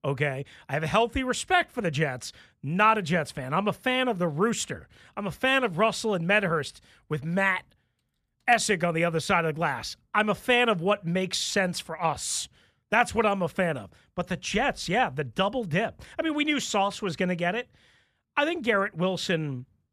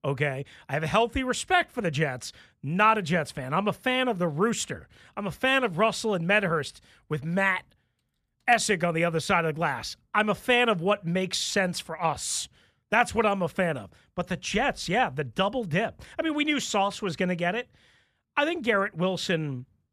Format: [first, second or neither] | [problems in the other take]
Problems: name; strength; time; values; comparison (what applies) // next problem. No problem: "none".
neither | none